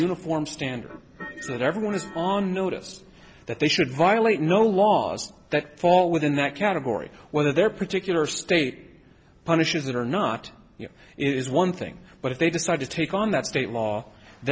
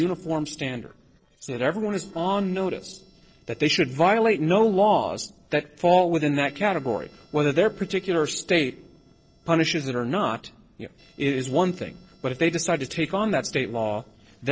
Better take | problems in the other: first | noise reduction (neural separator model SepFormer DNS4)

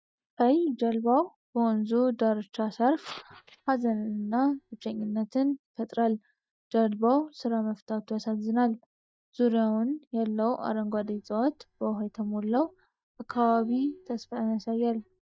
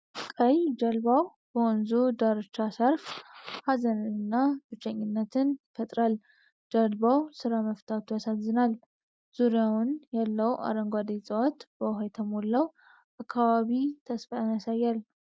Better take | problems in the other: second | noise reduction (neural mask model DeepFilterNet 3)

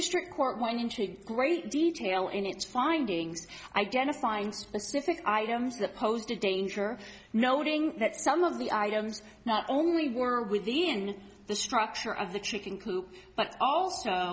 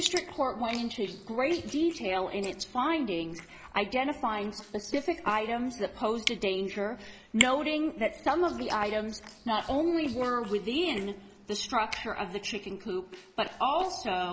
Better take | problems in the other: first | noise reduction (neural mask model Resemble Enhance denoiser)

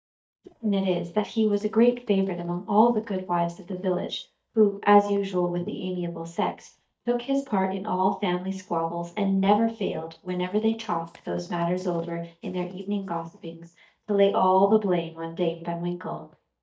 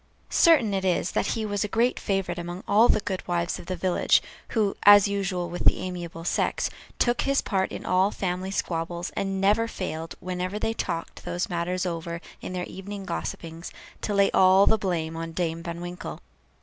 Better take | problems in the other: second | noise reduction (neural mask model DeepFilterNet 3)

